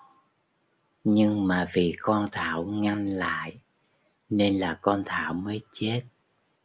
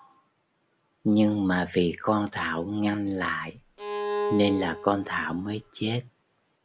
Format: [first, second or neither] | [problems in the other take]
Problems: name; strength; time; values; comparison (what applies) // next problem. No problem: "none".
first | background sound (Bowed string instrument); 5 dB below the speech